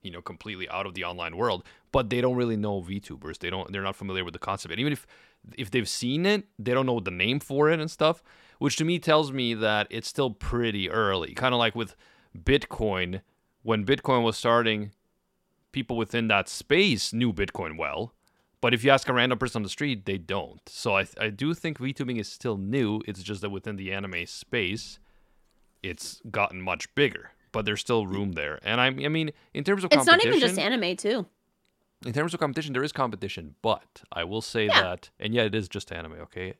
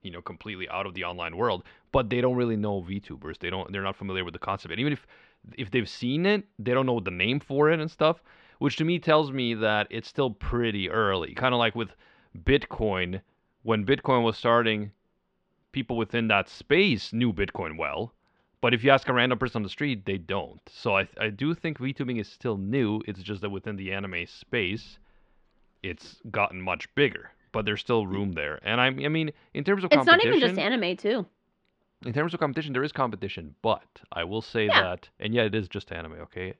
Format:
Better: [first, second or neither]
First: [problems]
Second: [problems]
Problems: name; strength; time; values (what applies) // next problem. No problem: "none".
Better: first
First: none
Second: muffled; slightly; fading above 3.5 kHz